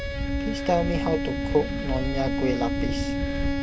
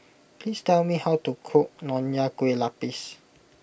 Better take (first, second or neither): second